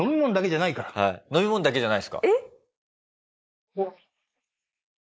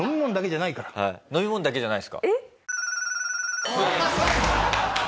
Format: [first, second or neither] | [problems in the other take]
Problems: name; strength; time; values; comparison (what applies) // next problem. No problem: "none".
second | noise reduction (neural mask model Resemble Enhance denoiser)